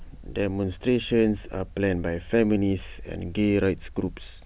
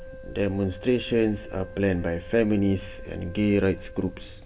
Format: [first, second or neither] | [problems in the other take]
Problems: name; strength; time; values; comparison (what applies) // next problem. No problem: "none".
first | background sound (Wind instrument, woodwind instrument); 19 dB below the speech // room echo; dies away in 0.9 s